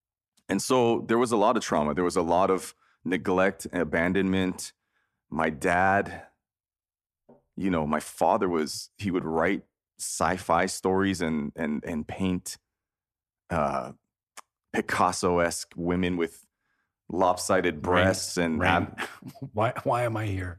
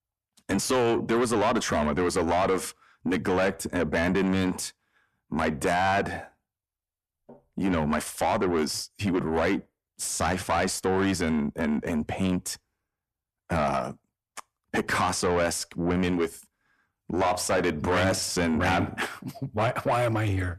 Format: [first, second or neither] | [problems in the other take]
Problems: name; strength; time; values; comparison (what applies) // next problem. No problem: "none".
first | distortion; heavy; 7 dB below the speech